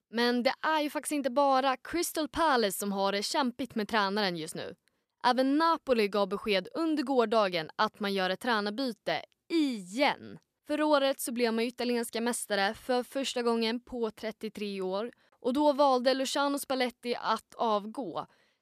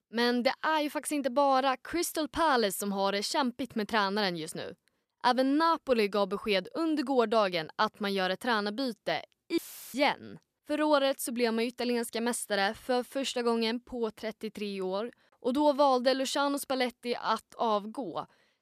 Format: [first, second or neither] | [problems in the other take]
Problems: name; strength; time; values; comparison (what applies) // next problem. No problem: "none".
first | audio cutting out; filled with static; at 9.5 s